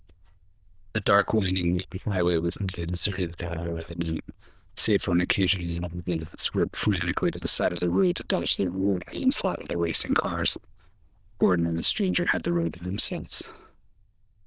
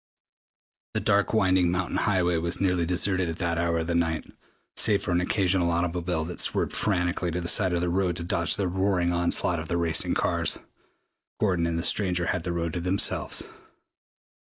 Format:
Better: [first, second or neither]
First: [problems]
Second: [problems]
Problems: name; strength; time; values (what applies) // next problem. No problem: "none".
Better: second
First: noise reduction (neural diffusion model UNIVERSE++)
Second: none